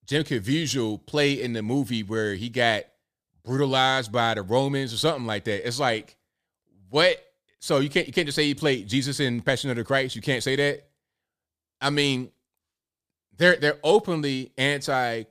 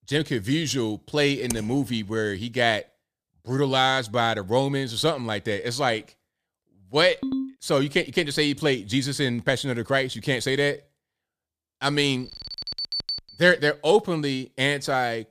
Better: first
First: none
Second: keyboard typing; noticeable; at 1.5 s; peak 10 dB below the speech // phone ringing; noticeable; at 7 s; peak 6 dB below the speech // alarm; noticeable; from 12 to 13 s; peak 3 dB below the speech

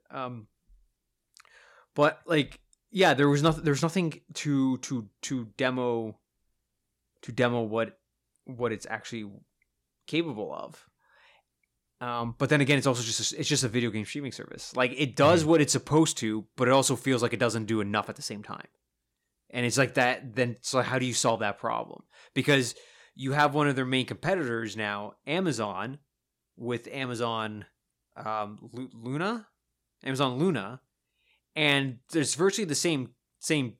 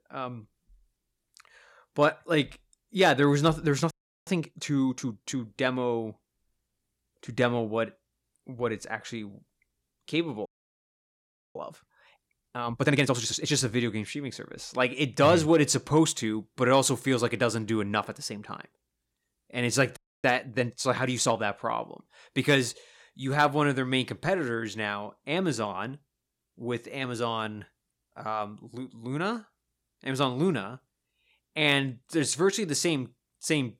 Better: first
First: none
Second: audio freezing; at 4 s, at 10 s for 1 s and at 20 s

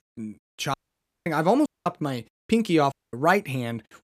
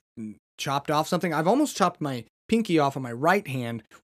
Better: second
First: audio cutting out; at 0.5 s for 0.5 s, at 1.5 s and at 3 s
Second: none

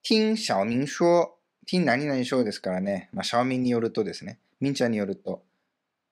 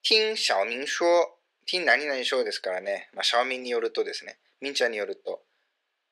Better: first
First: none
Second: thin; very; fading below 400 Hz

